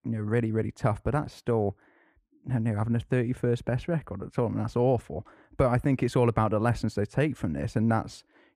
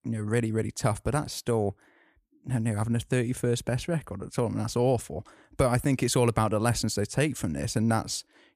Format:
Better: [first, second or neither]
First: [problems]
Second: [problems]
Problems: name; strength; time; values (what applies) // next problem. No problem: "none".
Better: second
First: muffled; slightly; fading above 3.5 kHz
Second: none